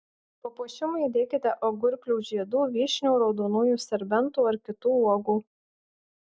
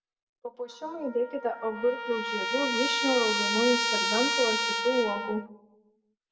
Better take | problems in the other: first | background sound (Trumpet); 1 dB below the speech // room echo; dies away in 0.8 s

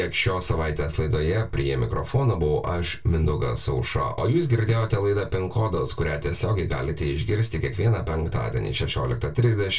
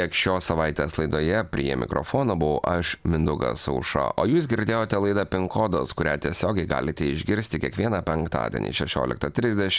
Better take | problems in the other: second | room echo; dies away in 0.2 s

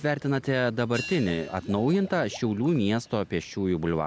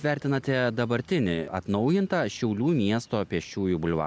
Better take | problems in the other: second | background sound (Water / Liquid + Hi-hat); 19 dB below the speech

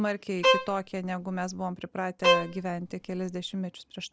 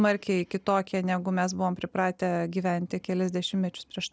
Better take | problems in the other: second | background sound (Bowed string instrument); 4 dB above the speech

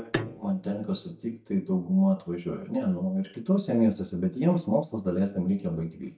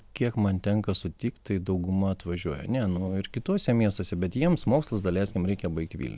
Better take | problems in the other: second | noise reduction (neural mask model DeepFilterNet 3)

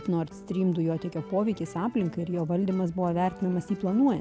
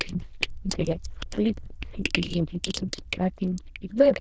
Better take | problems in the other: first | noise reduction (neural diffusion model UNIVERSE++)

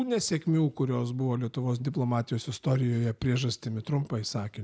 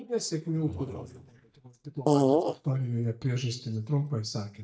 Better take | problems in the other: first | noise reduction (neural mask model DeepFilterNet 3)

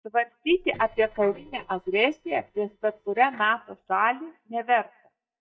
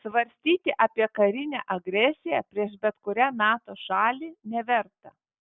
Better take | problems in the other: second | noise reduction (neural mask model DeepFilterNet 3)

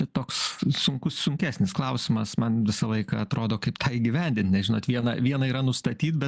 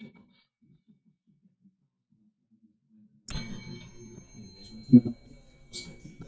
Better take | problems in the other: first | noise reduction (neural mask model DeepFilterNet 3)

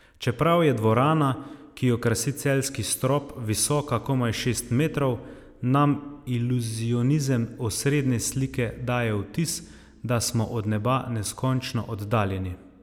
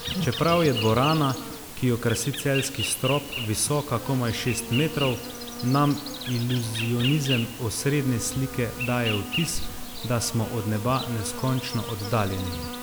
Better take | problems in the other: first | background sound (Insect); 8 dB below the speech

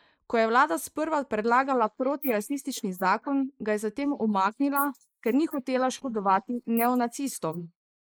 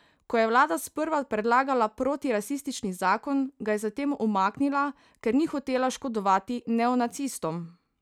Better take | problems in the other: second | noise reduction (neural mask model Resemble Enhance denoiser)

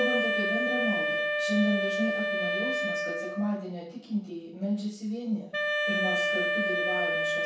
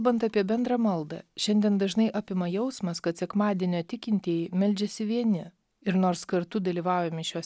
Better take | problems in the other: second | background sound (Wind instrument, woodwind instrument); 3 dB above the speech // room echo; dies away in 0.6 s

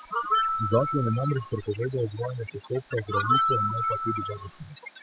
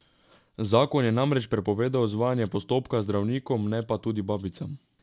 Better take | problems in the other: second | noise reduction (classical method spectral subtraction)

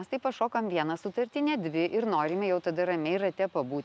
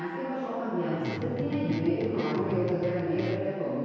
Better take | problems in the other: first | background sound (Guitar); 8 dB below the speech // room echo; dies away in 2 s

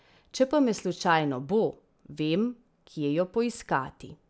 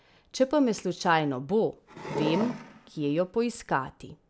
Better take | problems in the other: first | background sound (Wood); 7 dB below the speech

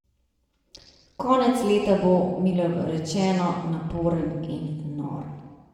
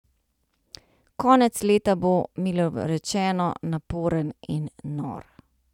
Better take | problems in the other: second | room echo; dies away in 1.2 s

